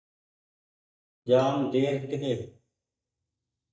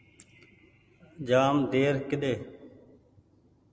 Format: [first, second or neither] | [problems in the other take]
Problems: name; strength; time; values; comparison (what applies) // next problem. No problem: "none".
second | noise reduction (neural mask model DeepFilterNet 3)